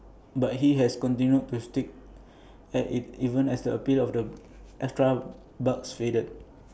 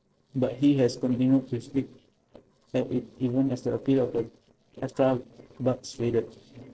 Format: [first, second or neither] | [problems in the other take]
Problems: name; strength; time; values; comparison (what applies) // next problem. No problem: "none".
first | noise reduction (neural separator model SepFormer DNS4)